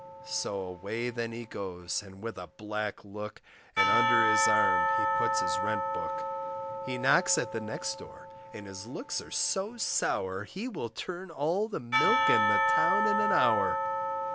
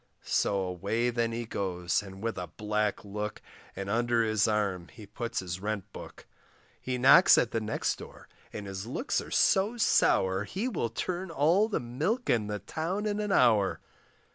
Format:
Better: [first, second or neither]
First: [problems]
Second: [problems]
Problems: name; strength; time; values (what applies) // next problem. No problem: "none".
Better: second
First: background sound (Church bell / Percussion); 2 dB above the speech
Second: none